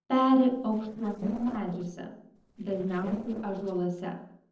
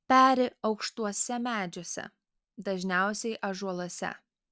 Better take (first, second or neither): second